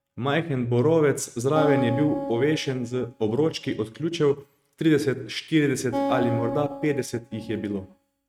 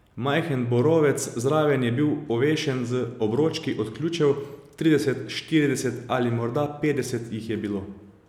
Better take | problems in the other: second | noise reduction (neural mask model RNNoise)

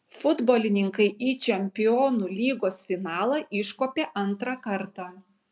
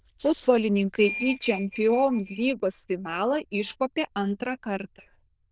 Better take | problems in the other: first | noise reduction (neural diffusion model UNIVERSE++)

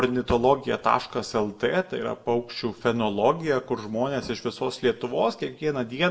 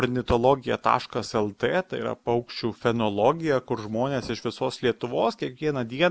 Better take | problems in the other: second | room echo; dies away in 0.5 s

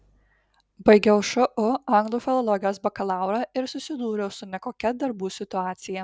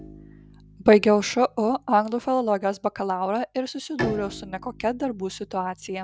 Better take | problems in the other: first | background sound (Bowed string instrument); 15 dB below the speech

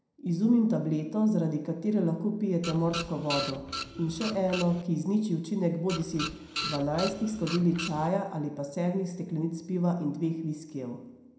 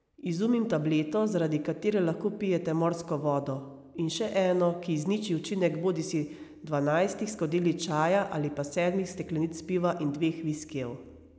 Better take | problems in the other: second | background sound (Printer); 9 dB below the speech // room echo; dies away in 0.4 s

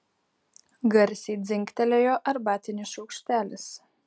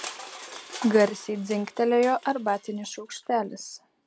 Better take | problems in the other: first | background sound (Crushing); 17 dB below the speech

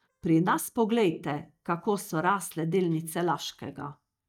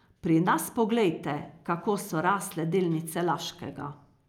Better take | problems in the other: second | noise reduction (neural mask model DeepFilterNet 3)

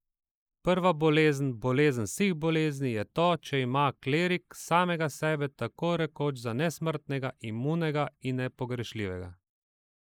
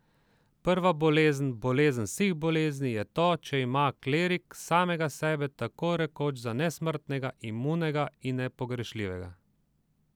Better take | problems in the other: second | noise reduction (neural mask model Resemble Enhance denoiser)

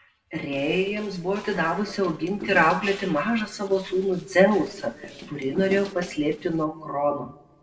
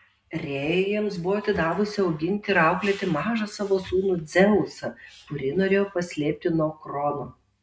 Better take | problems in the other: second | noise reduction (neural separator model SepFormer DNS4)

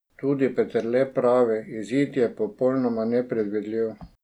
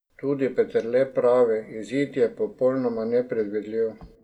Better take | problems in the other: first | room echo; dies away in 0.4 s

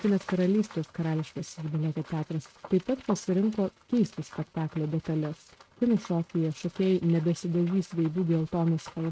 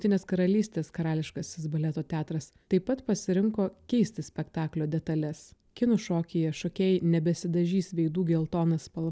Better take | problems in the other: second | noise reduction (neural mask model RNNoise)

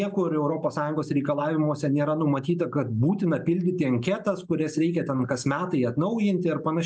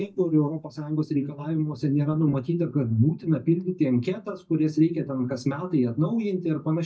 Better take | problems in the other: first | noise reduction (neural mask model DeepFilterNet 3)

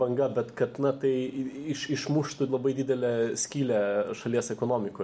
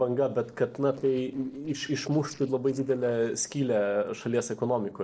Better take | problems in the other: first | noise reduction (neural separator model SepFormer DNS4)

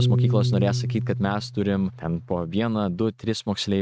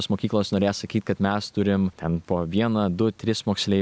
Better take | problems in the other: second | noise reduction (neural mask model RNNoise)

